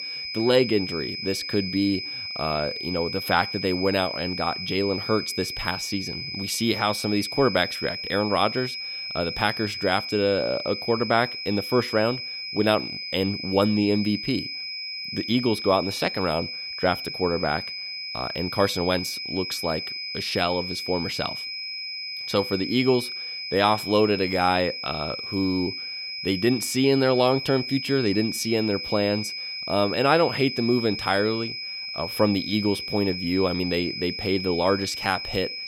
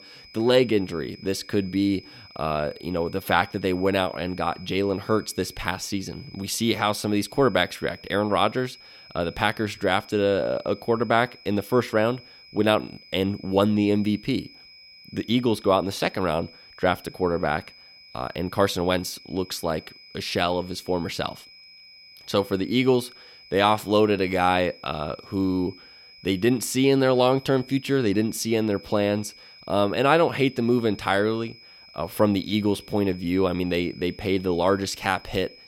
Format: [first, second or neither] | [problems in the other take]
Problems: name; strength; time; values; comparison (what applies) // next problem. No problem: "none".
second | high-pitched whine; loud; throughout; 5 kHz, 5 dB below the speech; faint in the second